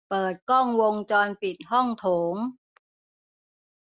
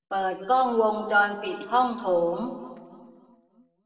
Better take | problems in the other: first | room echo; dies away in 1.9 s

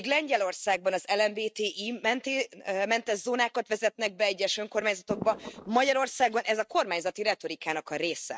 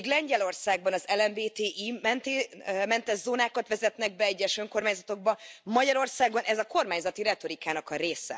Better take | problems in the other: second | noise reduction (neural mask model RNNoise)

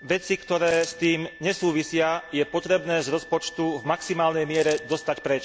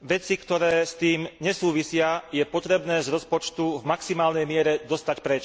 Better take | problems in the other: second | background sound (Wind instrument, woodwind instrument + Coin (dropping)); 18 dB below the speech

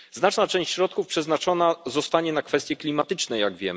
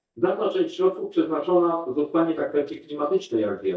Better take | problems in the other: first | noise reduction (neural mask model DeepFilterNet 3)

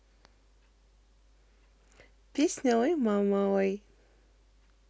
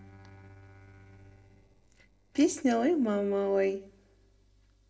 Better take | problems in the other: first | noise reduction (neural separator model SepFormer DNS4)

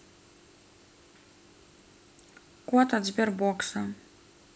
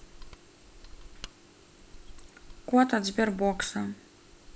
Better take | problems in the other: first | background sound (Mechanisms); 16 dB below the speech

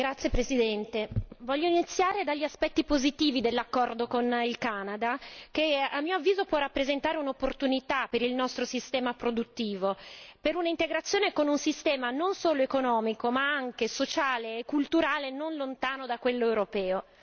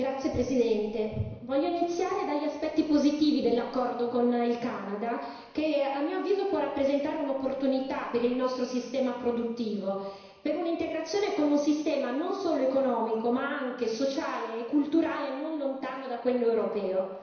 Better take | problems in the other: first | room echo; dies away in 1 s

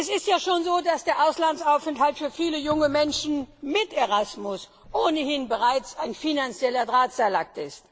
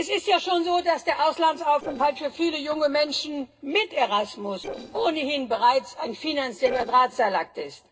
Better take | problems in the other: first | noise reduction (neural separator model SepFormer DNS4)

